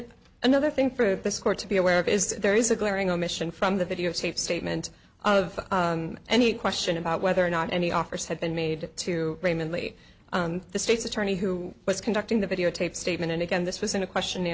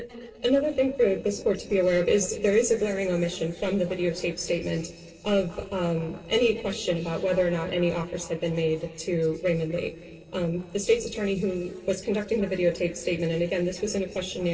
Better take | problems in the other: first | noise reduction (neural separator model SepFormer DNS4)

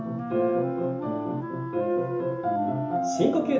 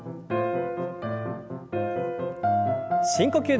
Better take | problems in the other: second | background sound (Wind instrument, woodwind instrument); 7 dB below the speech // room echo; dies away in 0.7 s

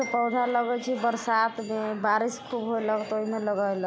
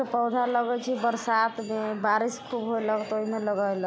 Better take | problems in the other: second | background sound (Glockenspiel); 20 dB below the speech

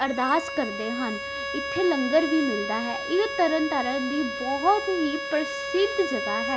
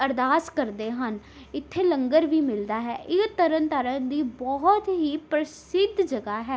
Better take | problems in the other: second | background sound (Bowed string instrument); 5 dB below the speech

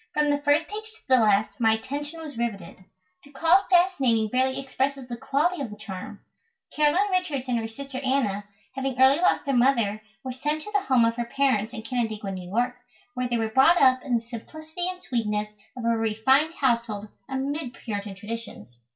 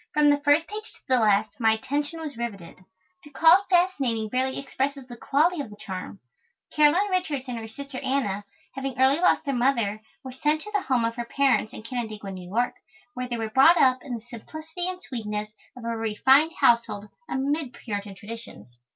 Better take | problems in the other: second | room echo; dies away in 0.3 s

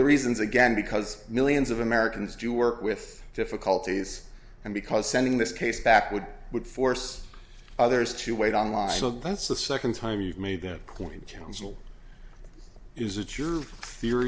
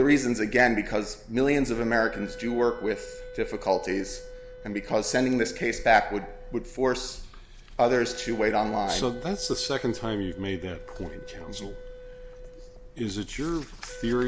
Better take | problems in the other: first | background sound (Wind instrument, woodwind instrument); 17 dB below the speech

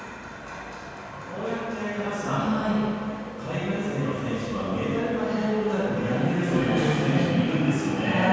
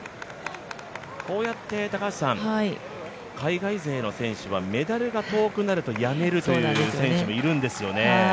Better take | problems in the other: second | room echo; dies away in 2.1 s

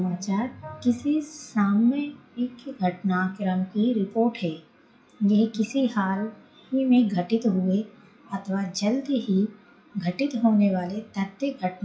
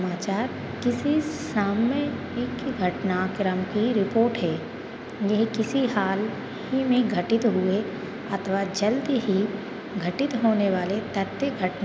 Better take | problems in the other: second | noise reduction (classical method WPE with log-MMSE)

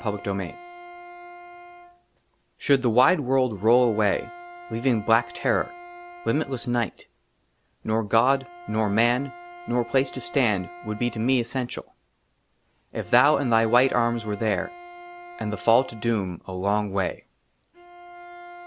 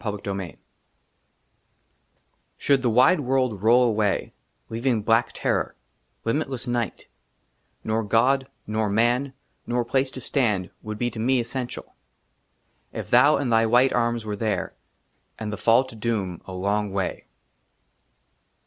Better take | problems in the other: second | background sound (Bowed string instrument); 18 dB below the speech

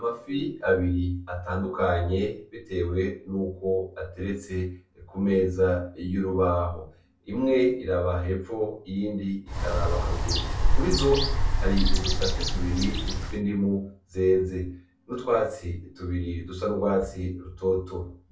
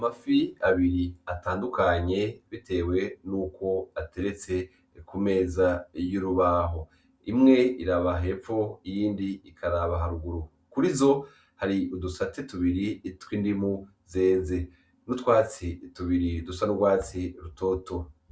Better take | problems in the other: second | background sound (Bird); 4 dB above the speech // room echo; dies away in 0.4 s

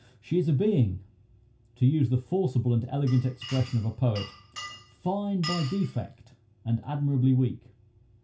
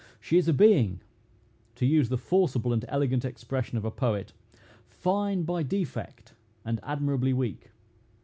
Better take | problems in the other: second | background sound (Glass); 15 dB below the speech // room echo; dies away in 0.2 s

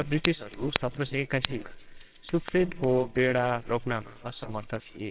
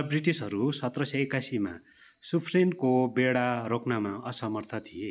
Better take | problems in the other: second | noise reduction (neural separator model SepFormer WHAMR!)

